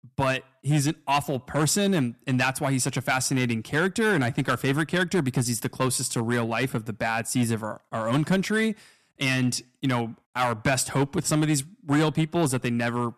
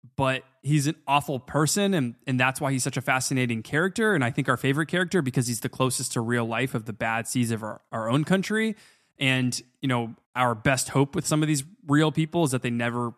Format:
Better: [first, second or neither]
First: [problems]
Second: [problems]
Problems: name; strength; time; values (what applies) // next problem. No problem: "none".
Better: second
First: distortion; slight; 5% of the sound clipped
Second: none